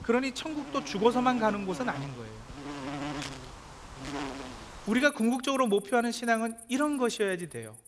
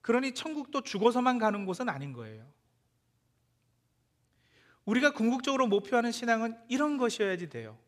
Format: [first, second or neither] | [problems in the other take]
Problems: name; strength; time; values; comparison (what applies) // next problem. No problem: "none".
second | animal sounds; noticeable; throughout; 15 dB below the speech